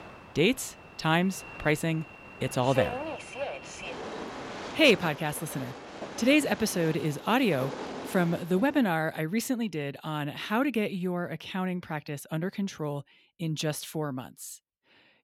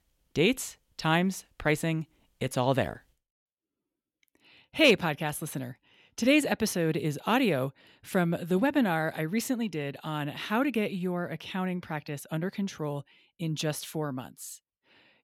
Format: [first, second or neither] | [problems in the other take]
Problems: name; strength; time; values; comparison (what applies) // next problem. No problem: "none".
second | train or aircraft noise; noticeable; until 8.5 s; 10 dB below the speech